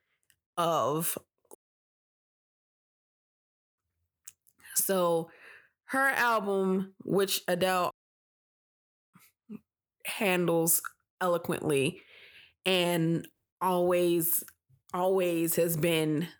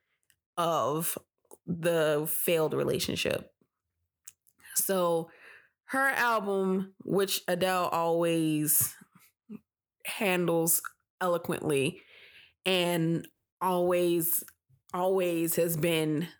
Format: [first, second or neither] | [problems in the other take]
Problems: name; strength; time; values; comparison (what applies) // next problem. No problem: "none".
second | audio cutting out; at 1.5 s for 2 s and at 8 s for 1 s